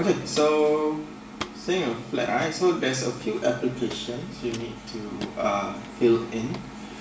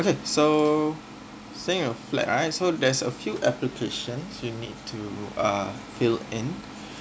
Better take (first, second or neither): second